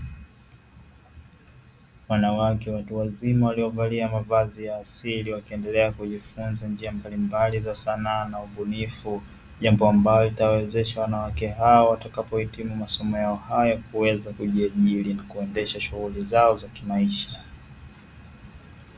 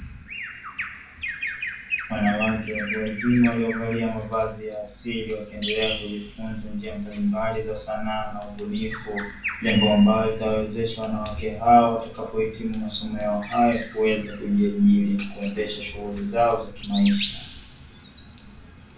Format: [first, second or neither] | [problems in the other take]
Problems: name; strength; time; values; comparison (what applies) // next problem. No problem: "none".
first | background sound (Bird vocalization, bird call, bird song); 12 dB below the speech // room echo; dies away in 0.3 s